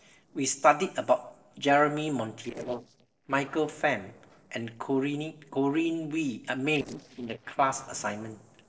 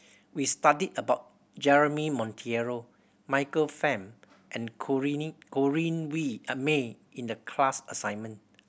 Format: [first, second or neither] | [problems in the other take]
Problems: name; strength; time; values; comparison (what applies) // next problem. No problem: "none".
second | noise reduction (neural separator model SepFormer DNS4)